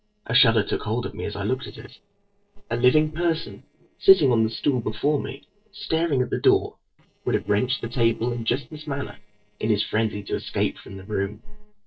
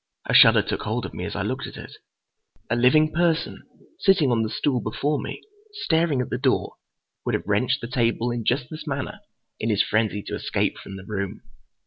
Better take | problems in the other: second | noise reduction (neural separator model SepFormer DNS4)

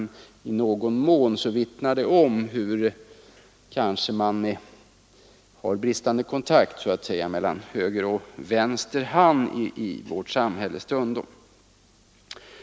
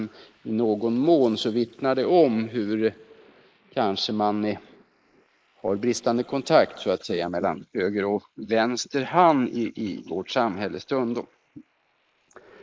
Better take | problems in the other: first | noise reduction (neural mask model Resemble Enhance denoiser)

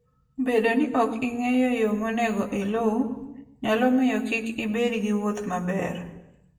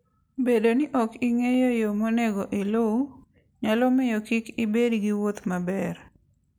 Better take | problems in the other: second | room echo; dies away in 0.8 s

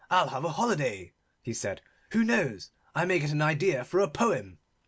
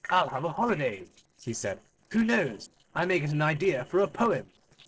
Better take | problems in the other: first | noise reduction (neural separator model SepFormer DNS4)

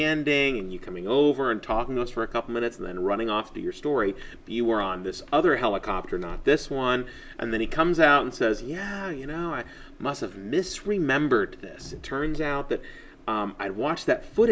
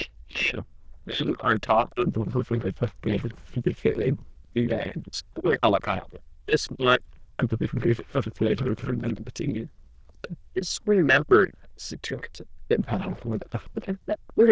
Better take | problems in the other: first | noise reduction (neural diffusion model UNIVERSE++)

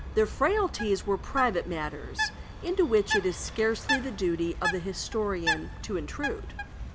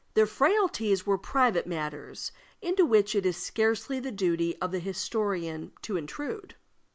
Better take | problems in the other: second | background sound (Bird); 6 dB below the speech

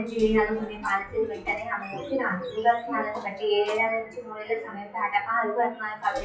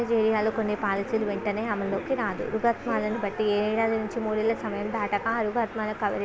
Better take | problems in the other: second | noise reduction (classical method WPE with log-MMSE)

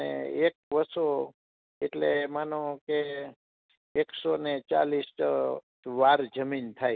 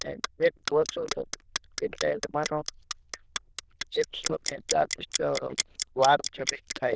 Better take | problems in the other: first | noise reduction (neural diffusion model UNIVERSE++)

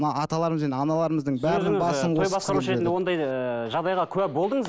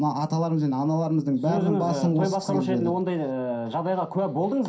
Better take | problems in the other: first | room echo; dies away in 0.3 s

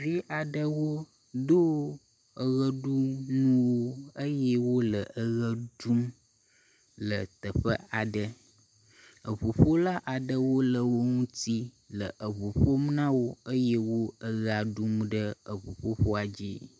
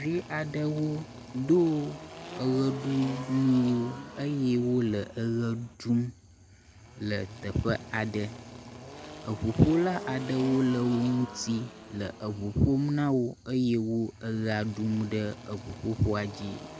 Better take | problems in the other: first | background sound (Engine); 15 dB below the speech

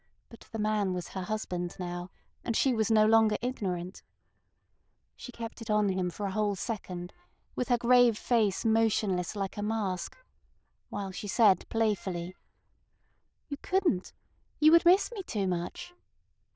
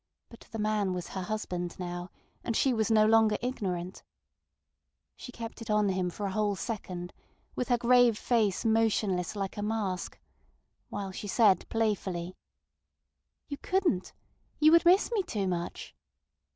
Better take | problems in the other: second | noise reduction (neural diffusion model UNIVERSE++)

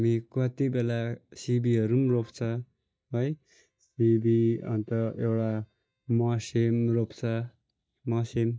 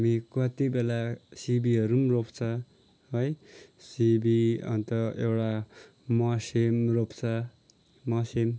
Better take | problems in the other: second | noise reduction (neural mask model DeepFilterNet 3)

